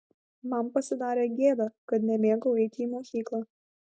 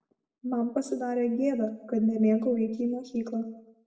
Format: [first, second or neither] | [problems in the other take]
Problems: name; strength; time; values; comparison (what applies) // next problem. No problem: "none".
first | room echo; dies away in 0.7 s